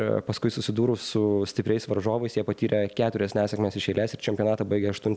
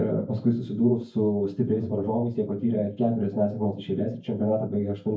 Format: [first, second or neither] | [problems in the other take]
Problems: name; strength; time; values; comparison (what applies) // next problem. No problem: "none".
first | noise reduction (neural mask model DeepFilterNet 3)